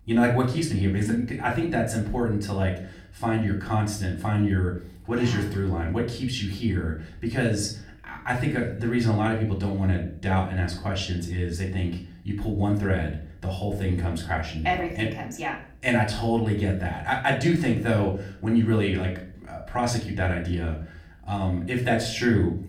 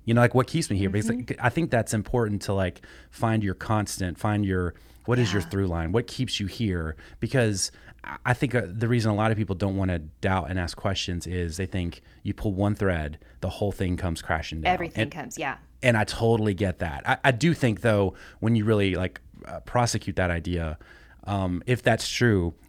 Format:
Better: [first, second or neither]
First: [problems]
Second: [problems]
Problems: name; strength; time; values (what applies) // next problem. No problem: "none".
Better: second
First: off-mic speech; far // room echo; slight; dies away in 0.4 s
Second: none